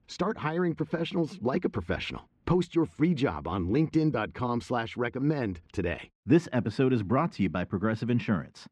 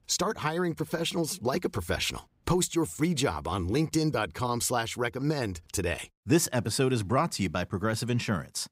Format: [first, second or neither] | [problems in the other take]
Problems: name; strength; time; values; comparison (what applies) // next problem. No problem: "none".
second | muffled; slightly; fading above 2.5 kHz